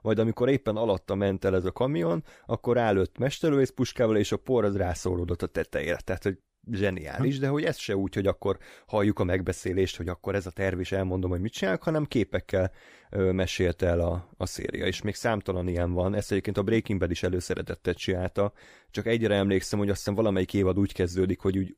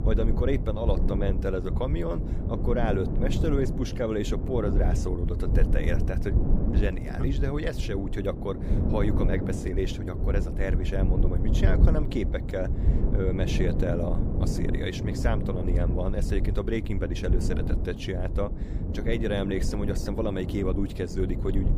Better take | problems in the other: first | wind noise on the microphone; heavy; 6 dB below the speech

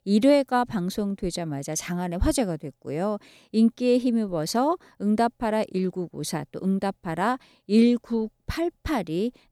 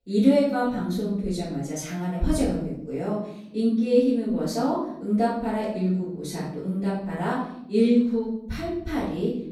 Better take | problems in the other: first | room echo; noticeable; dies away in 0.7 s // off-mic speech; far

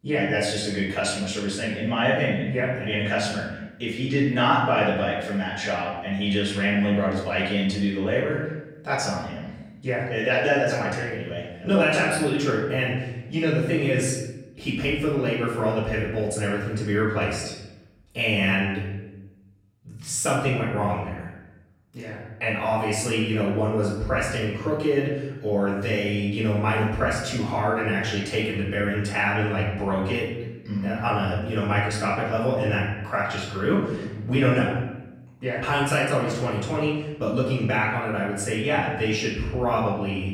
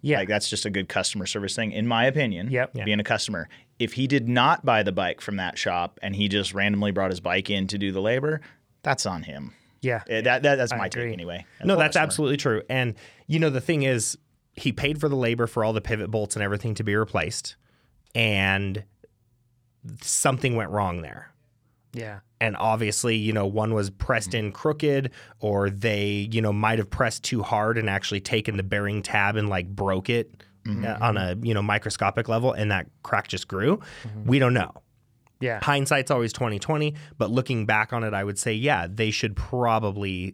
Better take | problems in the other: second | off-mic speech; far // room echo; noticeable; dies away in 0.9 s

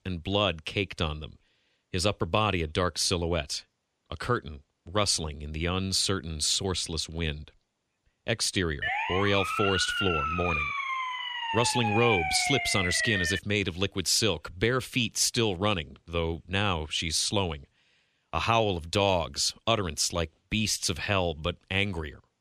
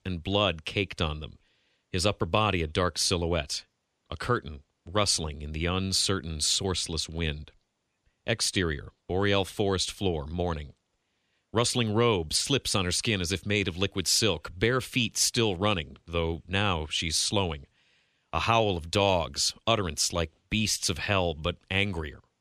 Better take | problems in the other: second | siren; loud; from 9 to 13 s; peak 1 dB above the speech

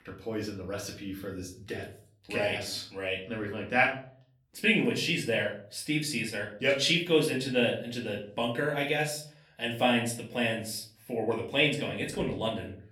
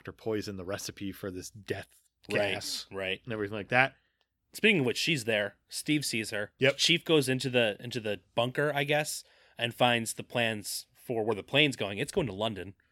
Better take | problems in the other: second | room echo; slight; dies away in 0.4 s // off-mic speech; far

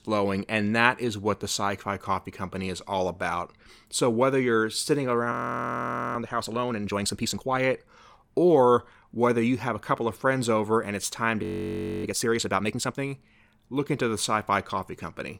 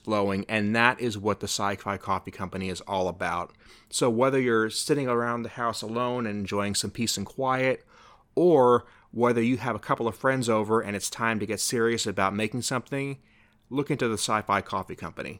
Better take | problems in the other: second | audio freezing; at 5.5 s for 1 s and at 11 s for 0.5 s

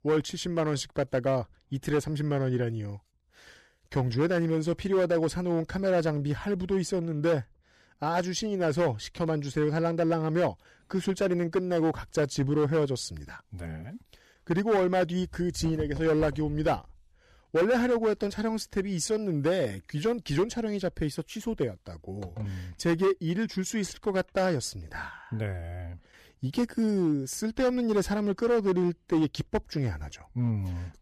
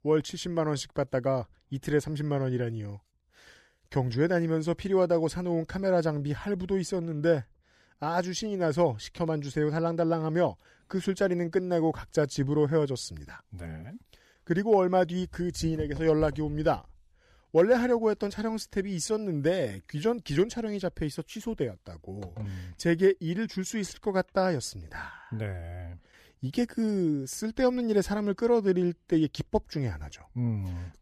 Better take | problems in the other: second | distortion; slight; 6% of the sound clipped

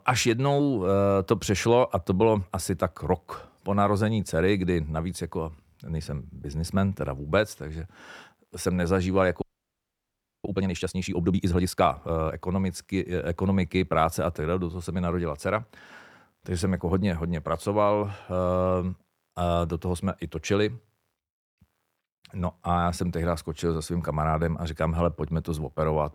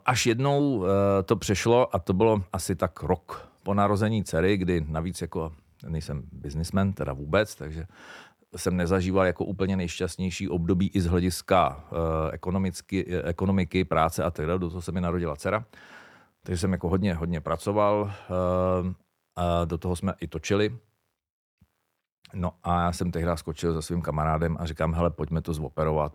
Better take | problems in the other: second | audio freezing; at 9.5 s for 1 s

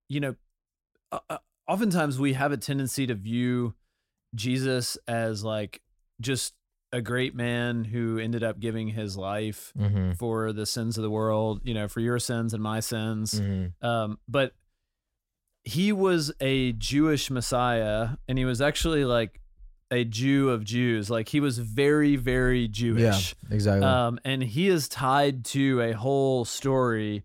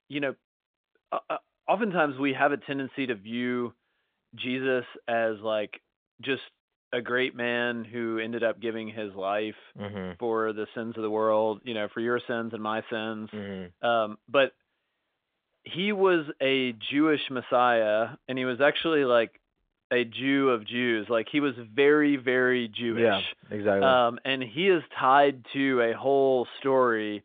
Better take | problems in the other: first | phone-call audio

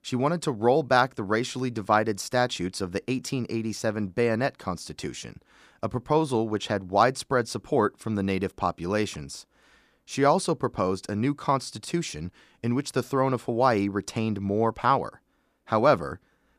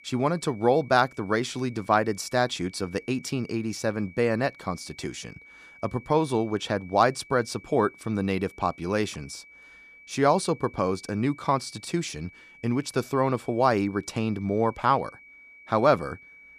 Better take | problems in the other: first | high-pitched whine; faint; throughout; 2.5 kHz, 25 dB below the speech

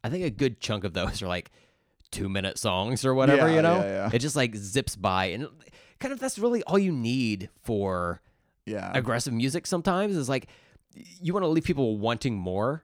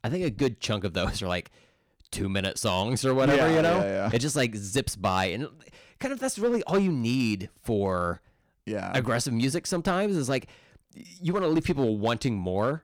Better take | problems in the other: first | distortion; slight; 4% of the sound clipped

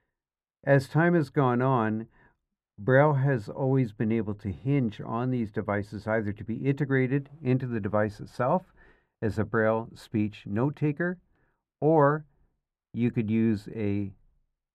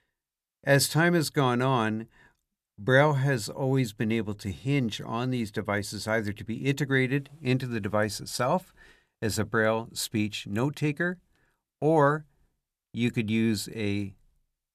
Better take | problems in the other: second | muffled; very; fading above 3 kHz

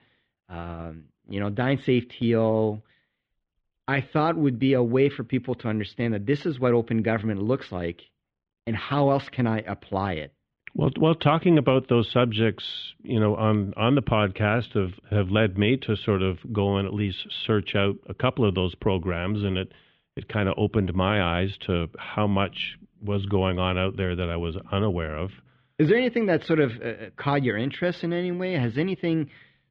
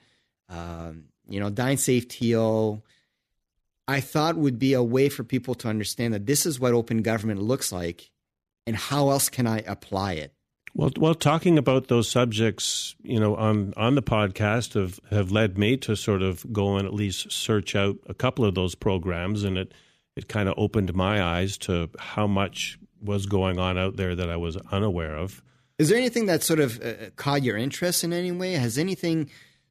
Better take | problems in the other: second | muffled; very; fading above 3.5 kHz

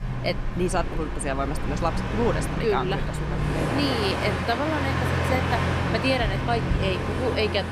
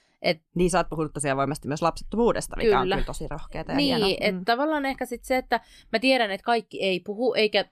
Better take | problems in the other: second | train or aircraft noise; very loud; throughout; as loud as the speech

